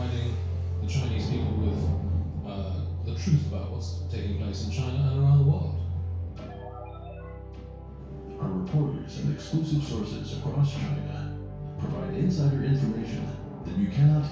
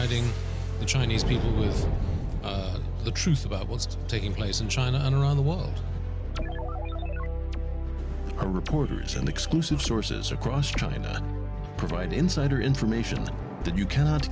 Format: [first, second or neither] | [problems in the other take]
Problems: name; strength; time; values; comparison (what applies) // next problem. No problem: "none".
second | room echo; dies away in 0.6 s